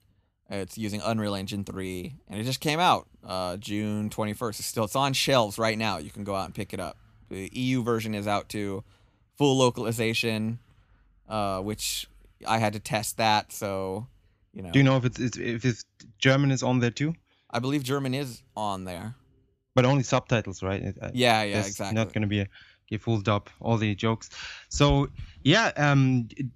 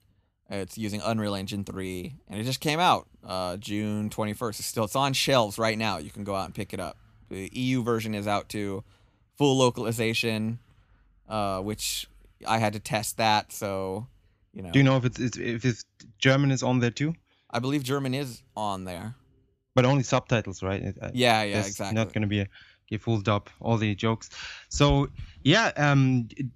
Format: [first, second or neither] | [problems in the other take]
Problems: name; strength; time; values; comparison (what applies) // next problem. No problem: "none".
neither | none